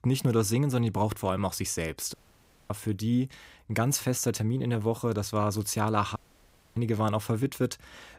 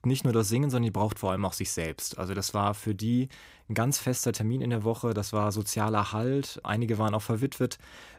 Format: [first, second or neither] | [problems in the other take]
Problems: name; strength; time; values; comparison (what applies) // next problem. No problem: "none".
second | audio cutting out; at 2 s for 0.5 s and at 6 s for 0.5 s